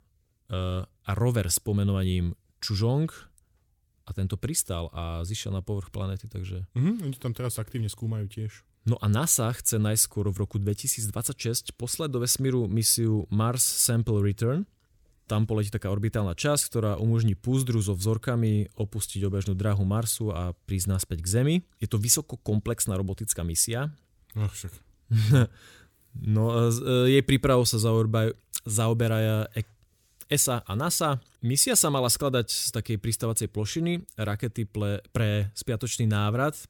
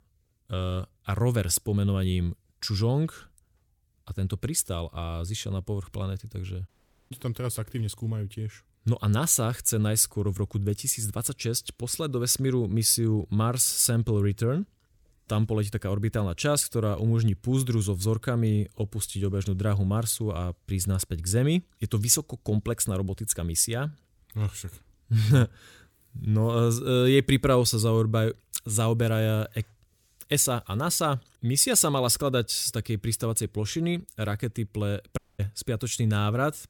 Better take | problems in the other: first | audio cutting out; at 6.5 s and at 35 s

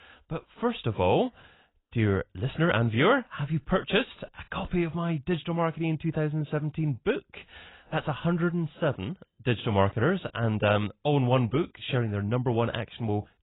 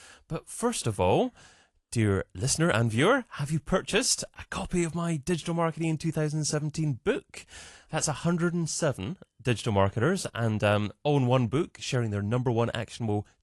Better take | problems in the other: second | garbled, watery; badly; nothing above 4 kHz; slightly in the second

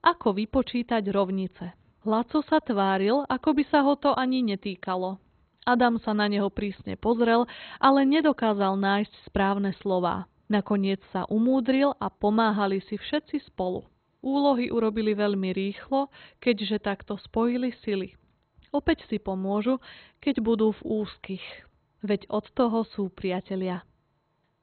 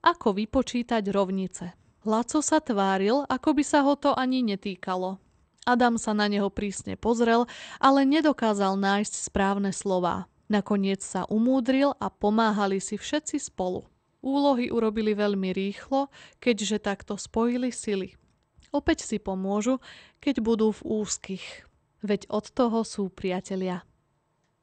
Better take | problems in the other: second | garbled, watery; badly; nothing above 4 kHz; slightly in the second

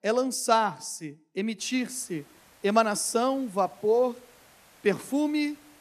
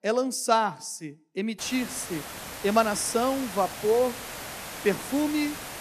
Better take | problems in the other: first | hiss; loud; from 1.5 s on; 10 dB below the speech; faint in the first

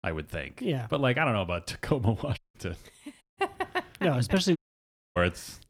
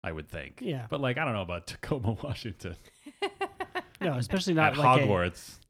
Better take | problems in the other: second | audio cutting out; at 2.5 s, at 3 s and at 4.5 s for 0.5 s

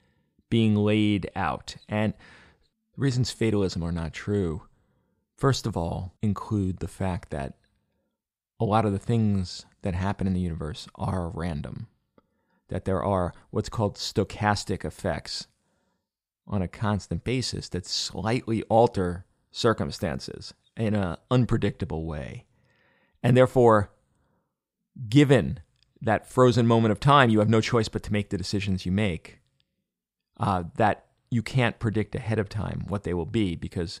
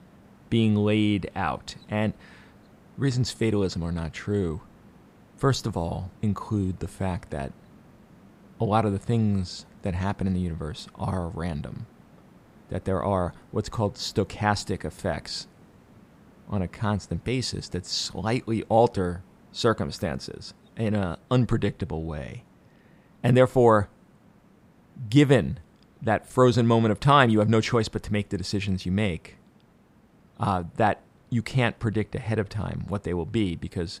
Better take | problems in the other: first | hiss; faint; throughout; 30 dB below the speech

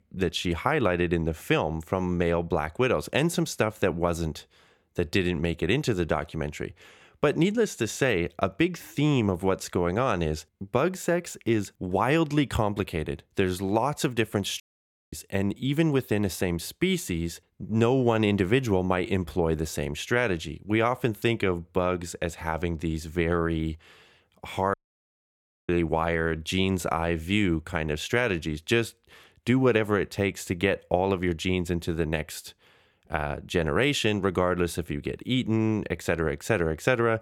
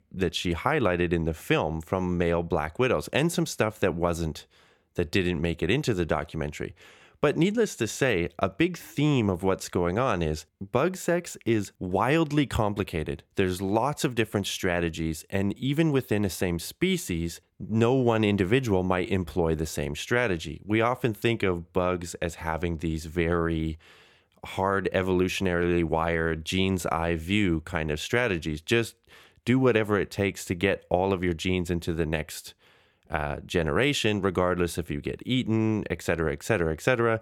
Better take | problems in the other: second | audio cutting out; at 15 s for 0.5 s and at 25 s for 1 s

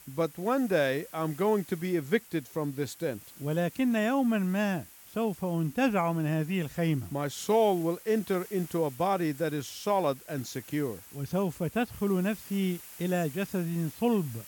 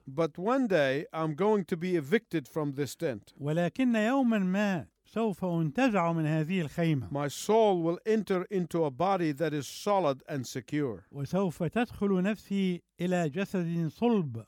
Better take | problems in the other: second | hiss; noticeable; throughout; 15 dB below the speech

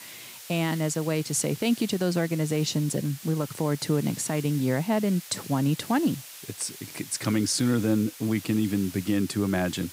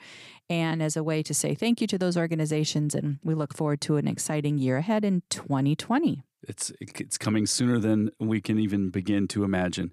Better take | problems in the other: second | hiss; noticeable; throughout; 15 dB below the speech

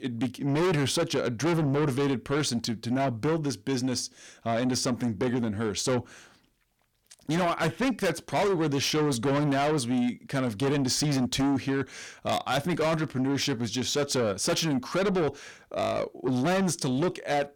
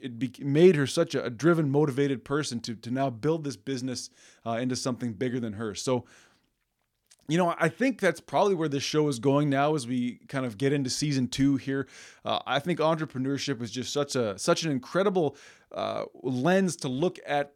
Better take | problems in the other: second | distortion; heavy; 6 dB below the speech

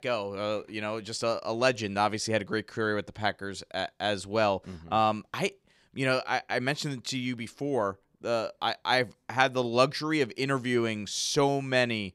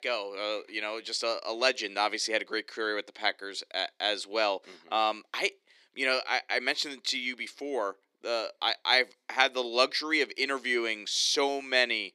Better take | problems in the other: first | thin; somewhat; fading below 300 Hz

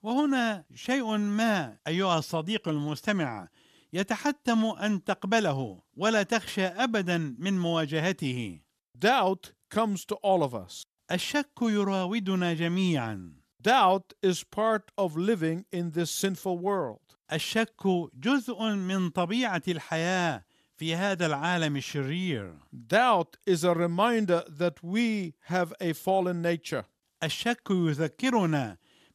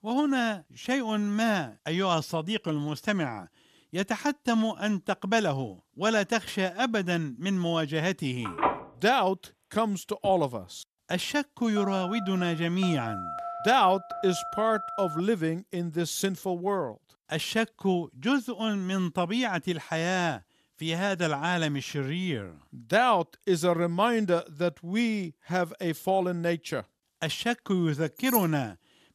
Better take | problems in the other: first | phone ringing; noticeable; from 8.5 to 10 s and from 12 to 15 s; peak level with the speech // jangling keys; noticeable; at 28 s; peak 2 dB below the speech

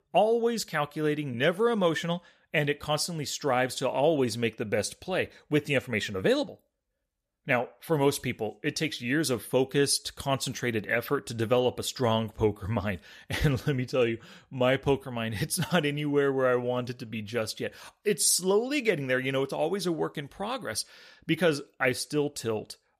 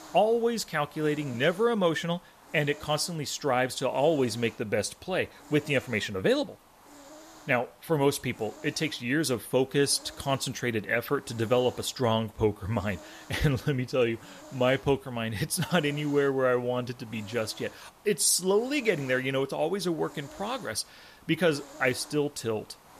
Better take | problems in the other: first | hiss; faint; throughout; 25 dB below the speech

